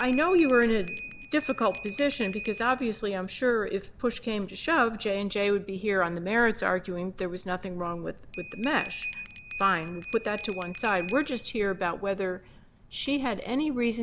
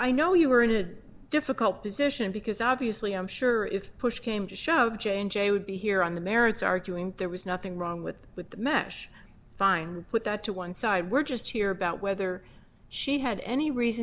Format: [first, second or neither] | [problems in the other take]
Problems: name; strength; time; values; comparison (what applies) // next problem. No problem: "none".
second | background sound (Bell); 15 dB below the speech